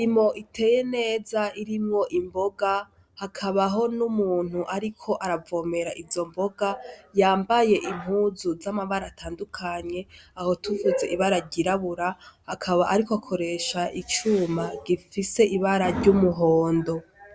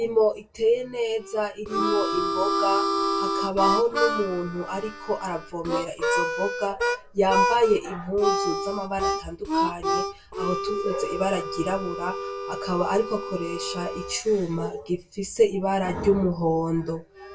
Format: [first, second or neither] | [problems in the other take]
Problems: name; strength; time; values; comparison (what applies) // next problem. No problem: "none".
first | background sound (Harmonica); 2 dB below the speech // room echo; dies away in 0.1 s